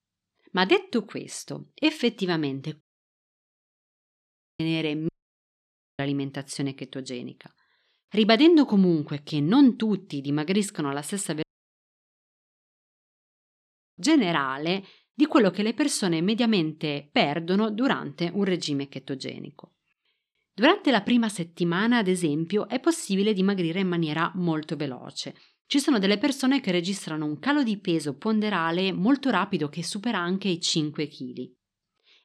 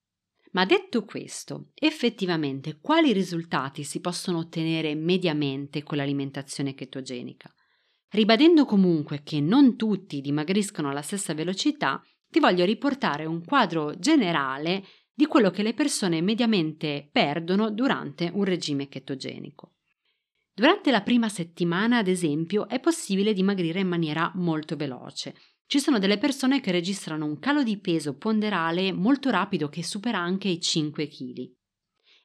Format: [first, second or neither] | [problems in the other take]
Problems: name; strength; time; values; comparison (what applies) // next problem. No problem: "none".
second | audio cutting out; at 3 s for 2 s, at 5 s for 1 s and at 11 s for 2.5 s